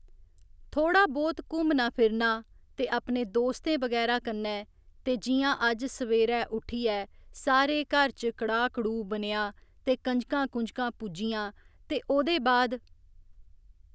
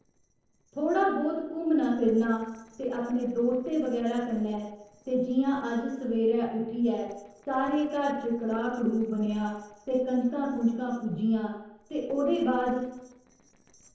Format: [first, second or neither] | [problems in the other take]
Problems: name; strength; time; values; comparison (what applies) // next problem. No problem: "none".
first | noise reduction (neural separator model SepFormer DNS4)